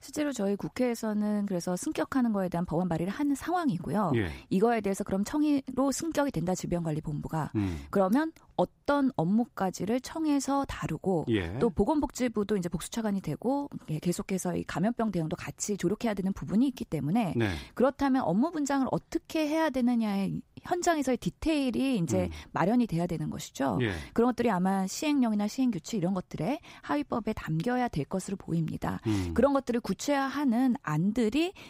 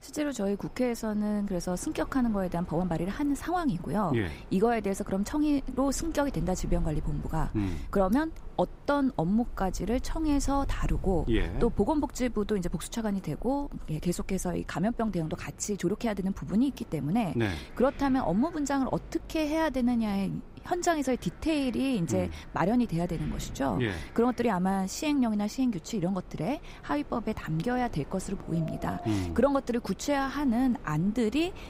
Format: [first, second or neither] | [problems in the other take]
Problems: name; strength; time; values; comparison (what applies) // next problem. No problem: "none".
first | wind in the background; noticeable; throughout; 15 dB below the speech